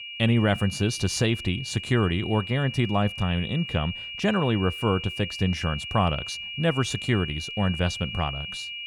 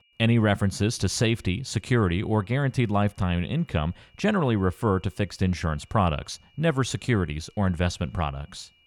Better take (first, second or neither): second